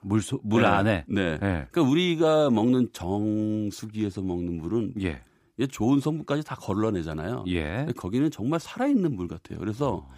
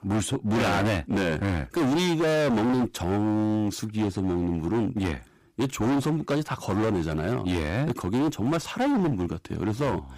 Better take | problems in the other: first | distortion; heavy; 27% of the sound clipped

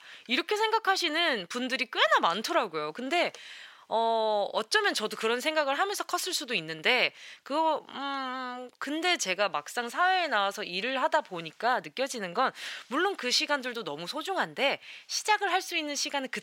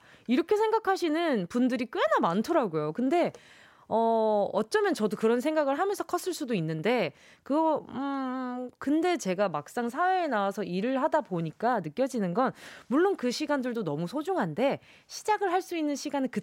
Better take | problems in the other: second | thin; somewhat; fading below 1 kHz

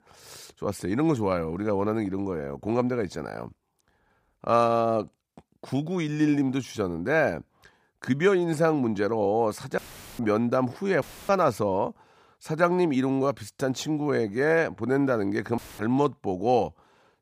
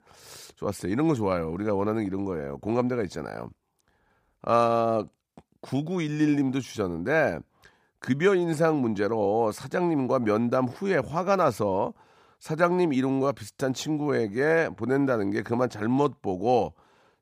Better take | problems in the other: second | audio cutting out; filled with static; at 10 s, at 11 s and at 16 s

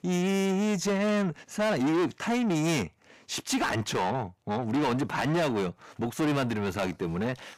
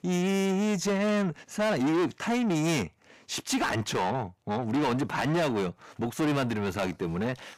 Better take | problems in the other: neither | distortion; heavy; 6 dB below the speech; the same in both

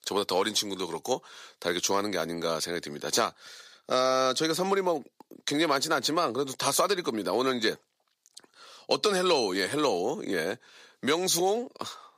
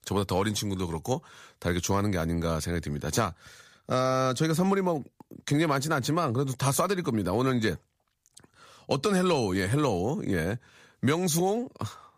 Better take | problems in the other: second | thin; somewhat; fading below 400 Hz

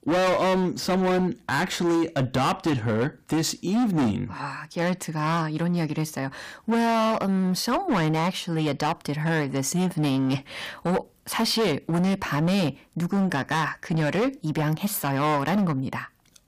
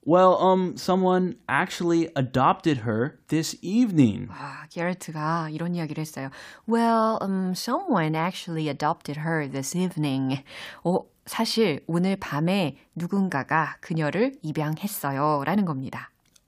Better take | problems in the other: second | distortion; heavy; 18% of the sound clipped

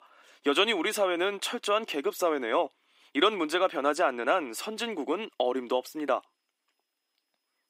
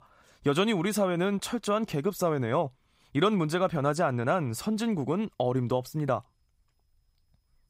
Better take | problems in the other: second | thin; somewhat; fading below 300 Hz

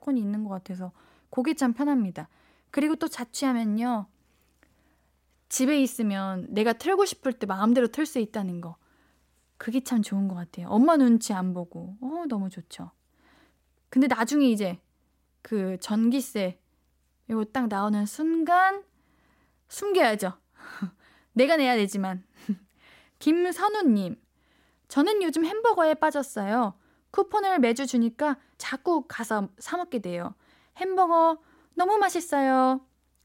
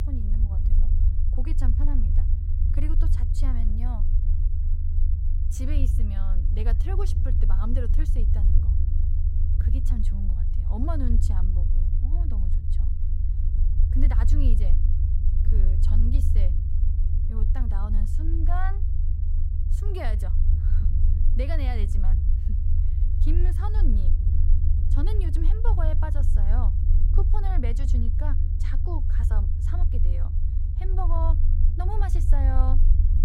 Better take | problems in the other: first | low rumble; loud; throughout; 4 dB below the speech

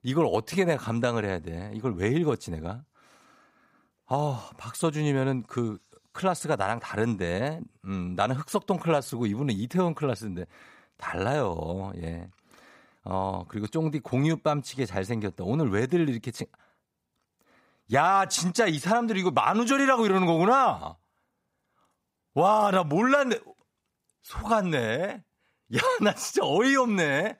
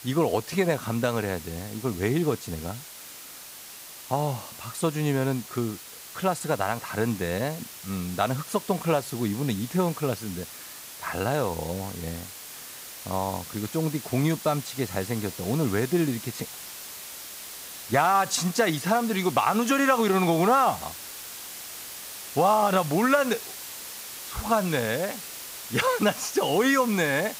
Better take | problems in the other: first | hiss; noticeable; throughout; 10 dB below the speech

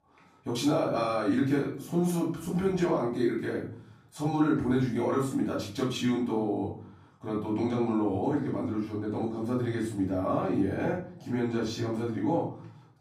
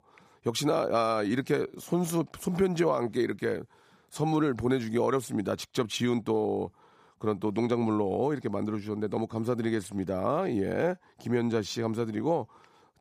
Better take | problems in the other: second | off-mic speech; far // room echo; noticeable; dies away in 0.6 s

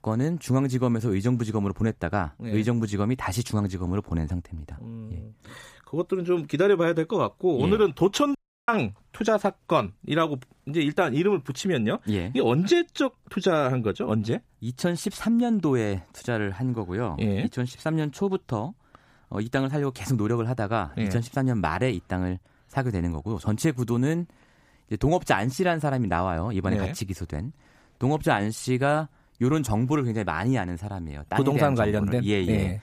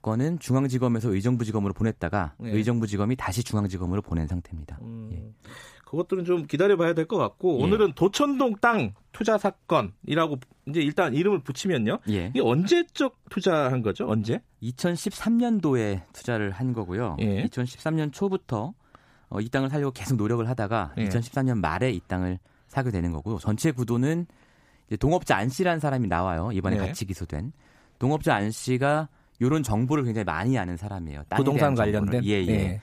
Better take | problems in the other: second | audio cutting out; at 8.5 s

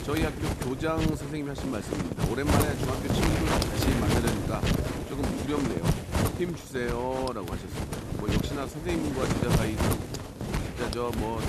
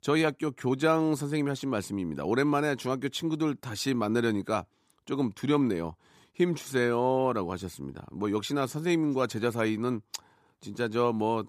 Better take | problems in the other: second | wind noise on the microphone; heavy; 1 dB above the speech

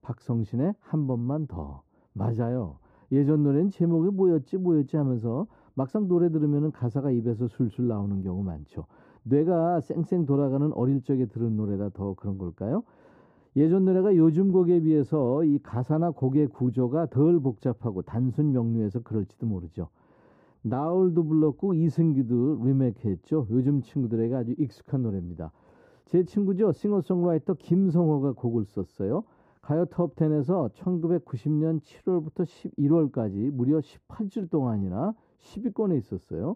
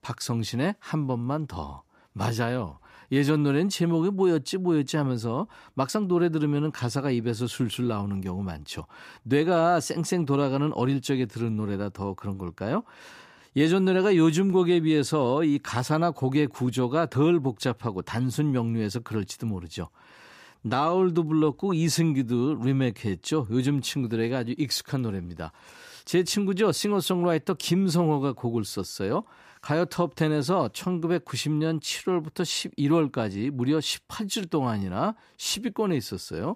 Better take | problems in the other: second | muffled; very; fading above 1.5 kHz

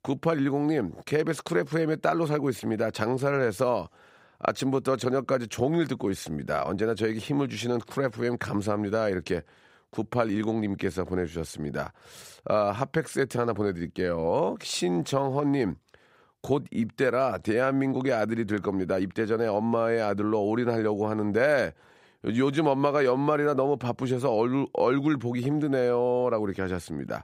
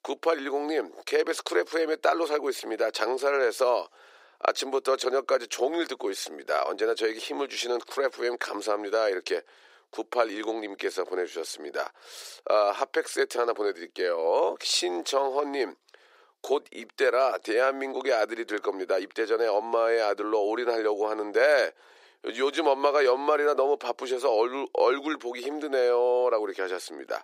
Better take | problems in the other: first | thin; very; fading below 350 Hz

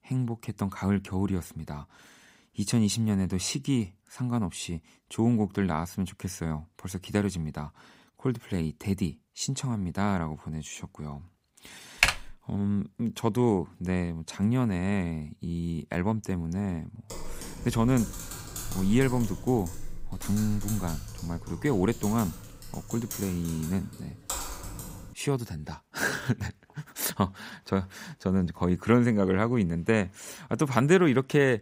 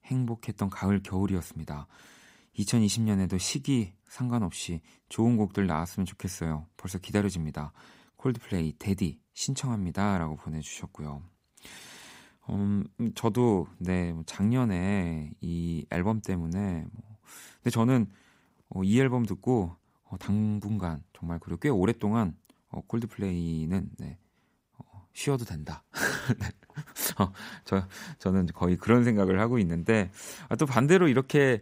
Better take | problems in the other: second | keyboard typing; loud; at 12 s; peak 5 dB above the speech // keyboard typing; noticeable; from 17 to 25 s; peak 5 dB below the speech

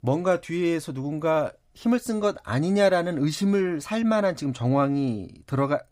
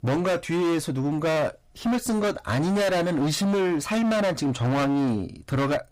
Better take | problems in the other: first | distortion; heavy; 33% of the sound clipped

